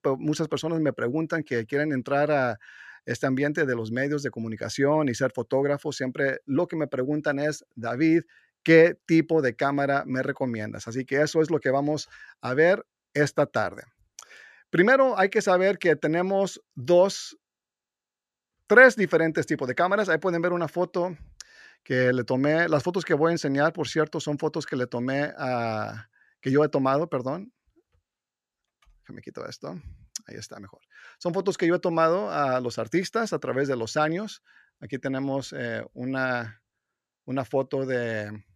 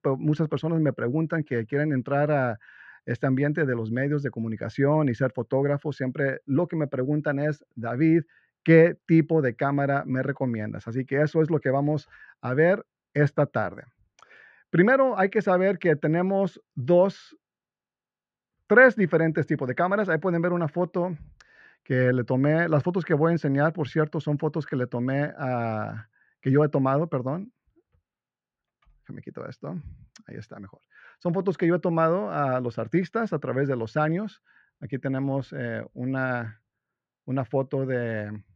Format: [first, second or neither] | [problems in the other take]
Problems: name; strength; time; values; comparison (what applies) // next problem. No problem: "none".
first | muffled; slightly; fading above 2.5 kHz